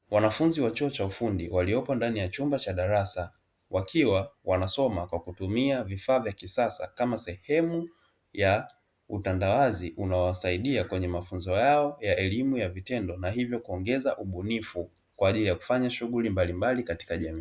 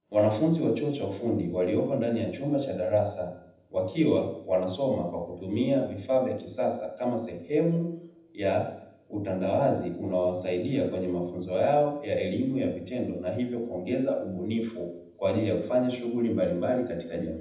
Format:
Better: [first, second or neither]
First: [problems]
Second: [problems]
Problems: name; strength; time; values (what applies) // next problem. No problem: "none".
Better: first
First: none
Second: room echo; dies away in 0.8 s